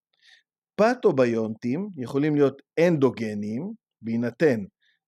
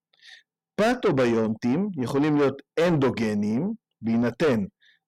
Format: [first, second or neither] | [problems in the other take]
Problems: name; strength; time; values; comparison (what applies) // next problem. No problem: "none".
first | distortion; heavy; 7 dB below the speech